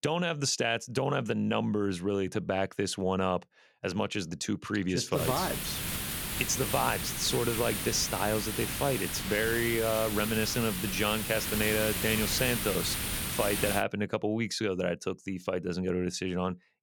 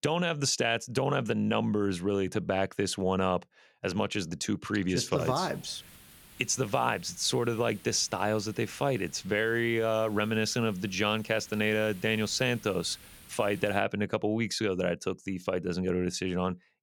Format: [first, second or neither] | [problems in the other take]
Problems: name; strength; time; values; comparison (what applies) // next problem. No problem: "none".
second | hiss; loud; from 5 to 14 s; 2 dB below the speech; faint in the second